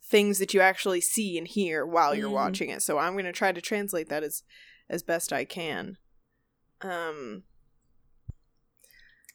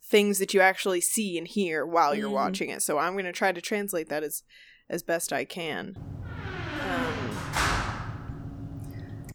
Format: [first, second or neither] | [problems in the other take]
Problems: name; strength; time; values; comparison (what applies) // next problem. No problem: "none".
first | door banging; loud; from 6 s on; peak 1 dB above the speech